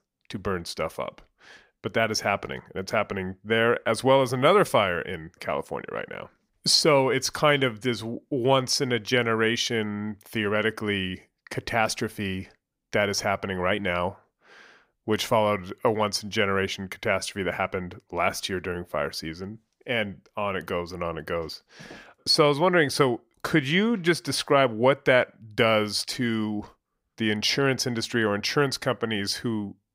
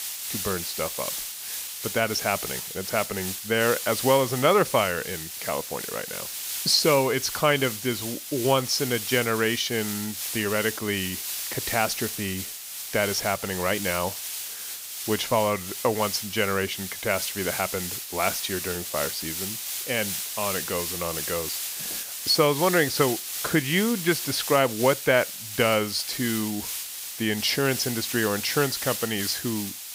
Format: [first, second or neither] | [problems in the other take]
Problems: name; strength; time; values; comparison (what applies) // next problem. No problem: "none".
first | hiss; loud; throughout; 5 dB below the speech